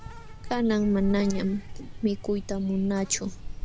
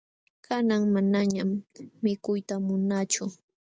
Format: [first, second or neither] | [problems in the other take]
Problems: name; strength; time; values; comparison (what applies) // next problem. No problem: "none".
second | background sound (Insect); 8 dB below the speech